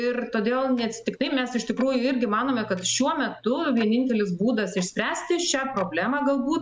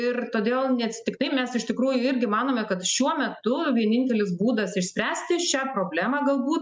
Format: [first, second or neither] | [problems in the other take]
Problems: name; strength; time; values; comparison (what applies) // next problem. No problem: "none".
second | noise reduction (neural mask model Resemble Enhance denoiser)